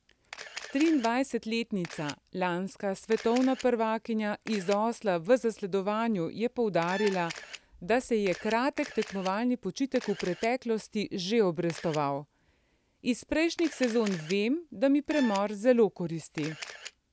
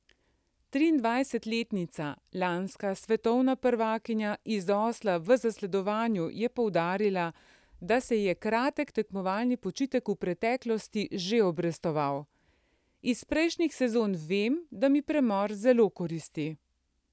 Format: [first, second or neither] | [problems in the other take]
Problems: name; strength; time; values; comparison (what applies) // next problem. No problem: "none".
second | background sound (Camera + Brass instrument); 17 dB below the speech